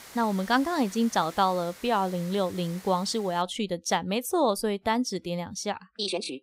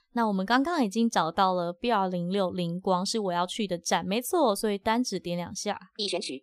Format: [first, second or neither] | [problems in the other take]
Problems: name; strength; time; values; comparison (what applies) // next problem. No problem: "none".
second | hiss; noticeable; until 3.5 s; 20 dB below the speech